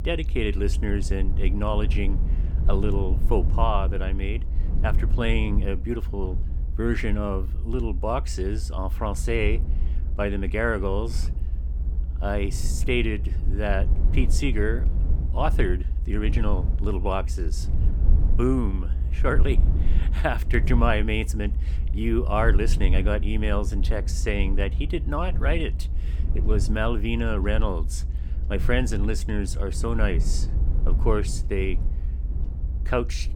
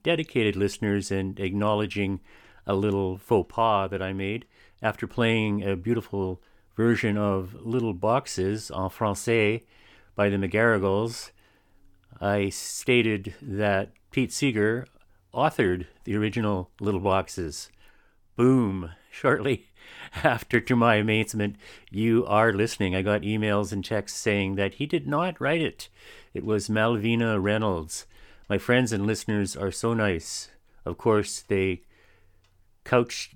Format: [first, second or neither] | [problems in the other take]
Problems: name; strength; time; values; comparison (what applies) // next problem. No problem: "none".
second | low rumble; noticeable; throughout; 15 dB below the speech